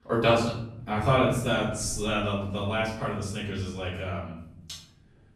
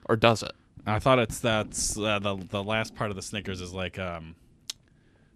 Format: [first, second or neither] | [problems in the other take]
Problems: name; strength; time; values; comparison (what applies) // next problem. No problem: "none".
second | off-mic speech; far // room echo; noticeable; dies away in 0.9 s